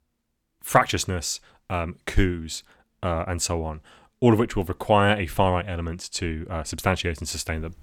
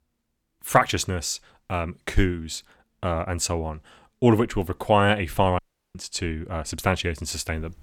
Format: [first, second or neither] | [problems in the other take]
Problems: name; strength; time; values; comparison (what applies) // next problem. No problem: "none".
first | audio cutting out; at 5.5 s